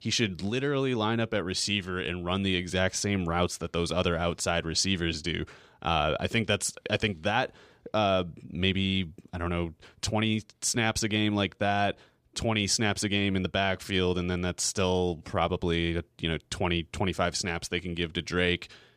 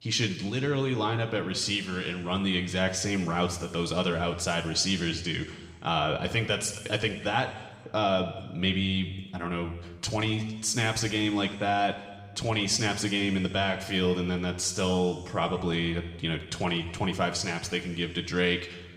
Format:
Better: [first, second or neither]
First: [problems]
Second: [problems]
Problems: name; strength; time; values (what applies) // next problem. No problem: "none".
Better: first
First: none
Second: room echo; slight; dies away in 1.4 s